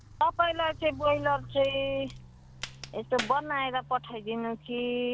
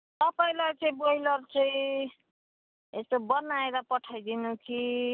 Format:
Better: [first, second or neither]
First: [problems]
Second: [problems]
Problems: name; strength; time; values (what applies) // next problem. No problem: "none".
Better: second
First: background sound (Crack + Walk, footsteps); 14 dB below the speech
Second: none